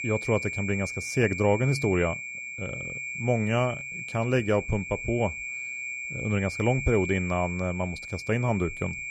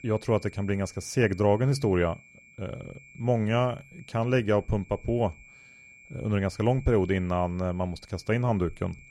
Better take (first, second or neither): second